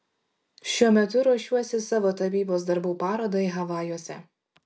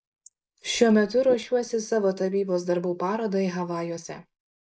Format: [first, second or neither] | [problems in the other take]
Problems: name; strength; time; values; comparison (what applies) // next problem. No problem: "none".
first | noise reduction (neural mask model Resemble Enhance denoiser)